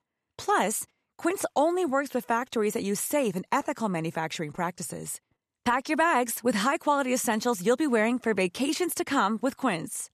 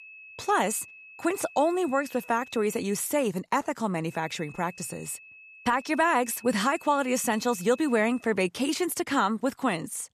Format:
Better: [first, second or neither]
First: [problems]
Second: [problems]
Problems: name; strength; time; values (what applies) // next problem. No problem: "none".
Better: first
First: none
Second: high-pitched whine; noticeable; until 3 s and from 4 to 8 s; 2.5 kHz, 20 dB below the speech